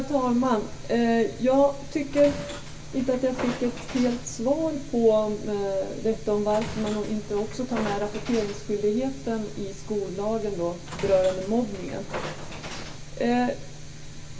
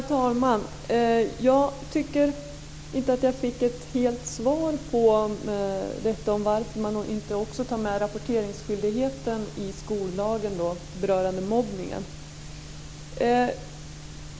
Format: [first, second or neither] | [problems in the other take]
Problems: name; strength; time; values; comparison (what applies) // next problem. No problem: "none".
second | background sound (Train); 15 dB below the speech // room echo; dies away in 0.2 s